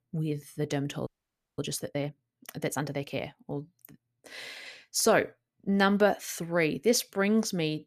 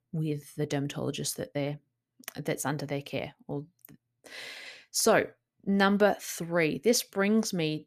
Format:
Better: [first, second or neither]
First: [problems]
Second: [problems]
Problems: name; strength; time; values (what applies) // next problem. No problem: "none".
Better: second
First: audio freezing; at 1 s for 0.5 s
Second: none